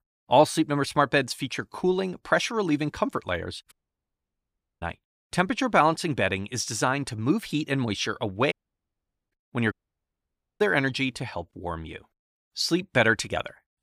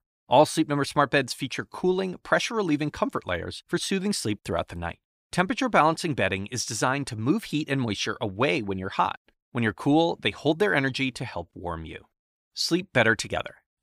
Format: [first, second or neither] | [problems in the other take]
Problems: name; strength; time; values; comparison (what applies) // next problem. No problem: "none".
second | audio cutting out; at 3.5 s for 1 s, at 8.5 s for 1 s and at 9.5 s for 1 s